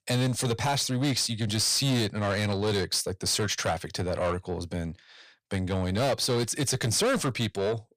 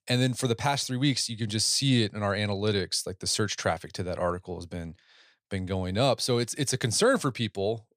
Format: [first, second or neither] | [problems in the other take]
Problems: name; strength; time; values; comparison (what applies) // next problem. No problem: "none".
second | distortion; heavy; 8 dB below the speech